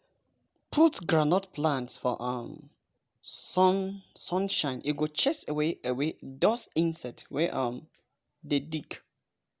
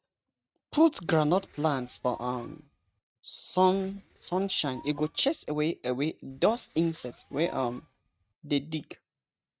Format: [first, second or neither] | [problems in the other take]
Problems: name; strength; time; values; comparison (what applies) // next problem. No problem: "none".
first | noise reduction (neural mask model RNNoise)